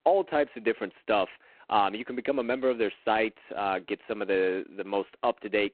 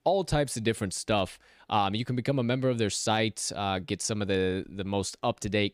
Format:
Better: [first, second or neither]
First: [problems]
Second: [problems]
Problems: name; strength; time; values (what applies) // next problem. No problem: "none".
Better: second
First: phone-call audio; poor line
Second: none